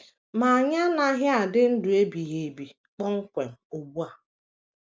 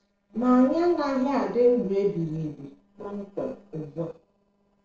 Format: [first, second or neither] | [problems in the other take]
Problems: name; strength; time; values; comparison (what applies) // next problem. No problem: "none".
first | noise reduction (neural separator model SepFormer DNS4)